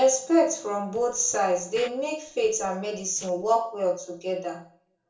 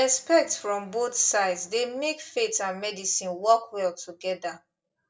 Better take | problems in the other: second | noise reduction (neural separator model SepFormer DNS4)

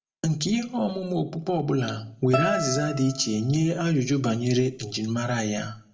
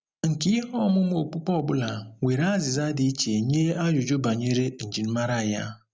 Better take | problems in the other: second | background sound (Guitar); 8 dB below the speech // room echo; dies away in 0.3 s

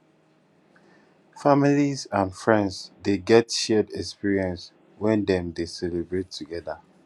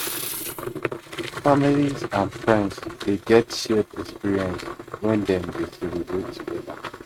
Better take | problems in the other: first | noise reduction (neural mask model RNNoise)

